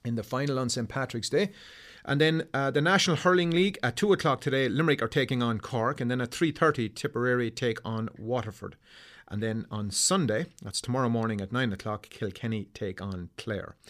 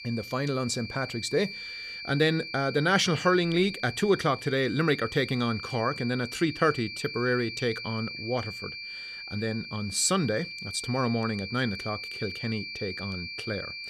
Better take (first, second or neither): first